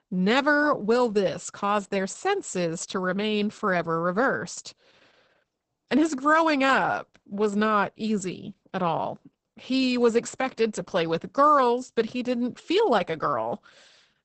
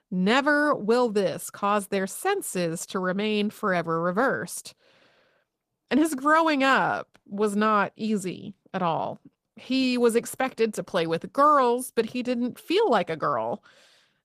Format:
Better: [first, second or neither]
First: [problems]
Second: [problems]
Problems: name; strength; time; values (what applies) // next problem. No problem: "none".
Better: second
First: garbled, watery; badly; nothing above 8 kHz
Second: garbled, watery; slightly; nothing above 14.5 kHz